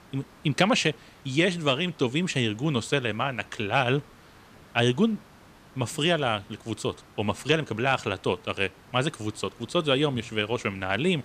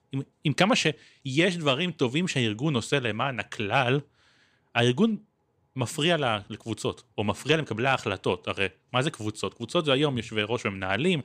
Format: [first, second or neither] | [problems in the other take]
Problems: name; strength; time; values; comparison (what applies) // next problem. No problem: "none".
second | hiss; faint; throughout; 25 dB below the speech